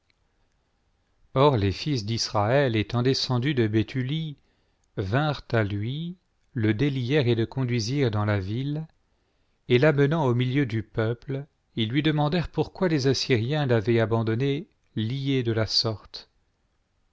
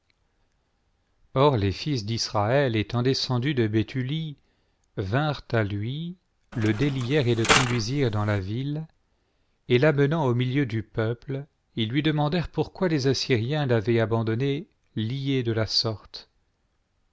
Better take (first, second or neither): first